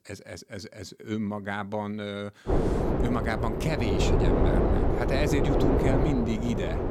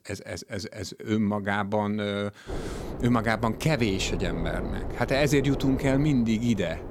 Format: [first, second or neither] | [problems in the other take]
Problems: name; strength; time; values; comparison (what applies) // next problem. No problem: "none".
second | wind noise on the microphone; heavy; from 2.5 s on; 3 dB above the speech; occasional gusts in the second